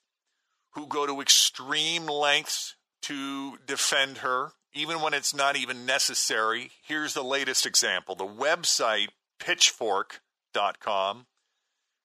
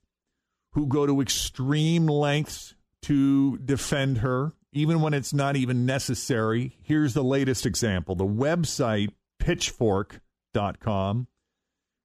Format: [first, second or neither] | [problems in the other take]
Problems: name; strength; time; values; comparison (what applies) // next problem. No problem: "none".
second | thin; very; fading below 850 Hz